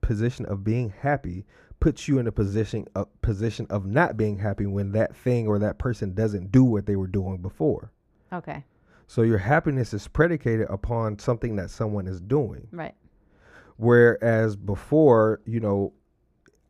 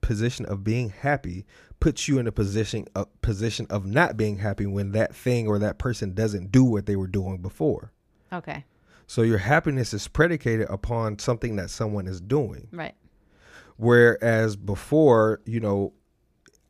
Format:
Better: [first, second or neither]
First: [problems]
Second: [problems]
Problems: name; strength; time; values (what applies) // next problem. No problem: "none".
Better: second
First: muffled; slightly; fading above 2 kHz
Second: none